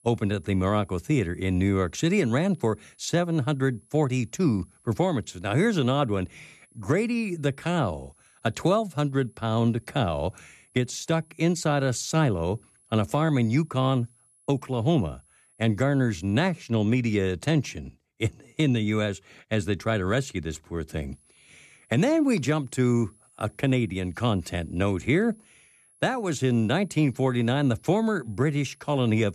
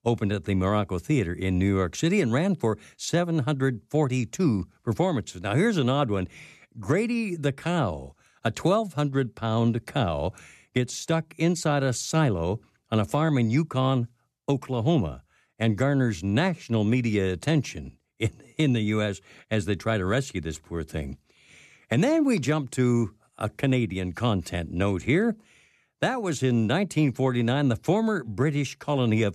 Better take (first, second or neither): second